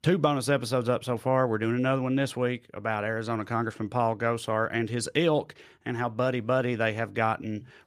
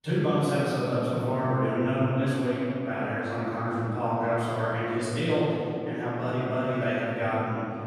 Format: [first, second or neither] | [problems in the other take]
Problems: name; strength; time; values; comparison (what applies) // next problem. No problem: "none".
first | room echo; strong; dies away in 3 s // off-mic speech; far